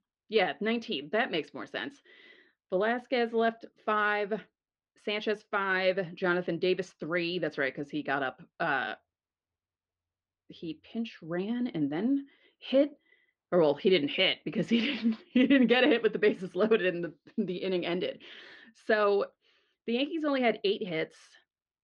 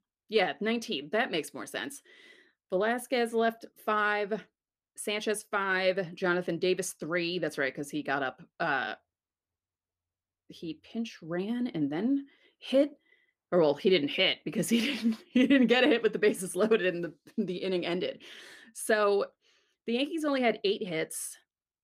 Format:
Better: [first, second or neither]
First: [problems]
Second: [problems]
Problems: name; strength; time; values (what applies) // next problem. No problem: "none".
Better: second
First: muffled; very slightly; fading above 4.5 kHz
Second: none